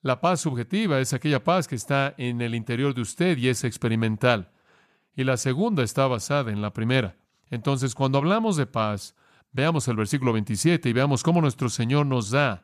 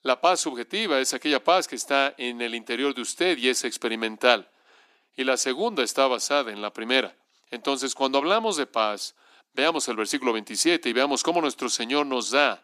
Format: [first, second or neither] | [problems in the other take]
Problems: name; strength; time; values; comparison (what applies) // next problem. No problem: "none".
first | thin; somewhat; fading below 250 Hz